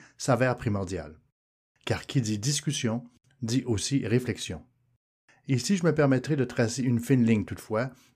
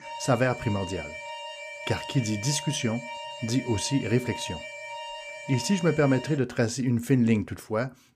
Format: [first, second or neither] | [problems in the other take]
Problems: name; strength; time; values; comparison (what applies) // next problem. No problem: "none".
first | alarm; noticeable; until 6.5 s; peak 9 dB below the speech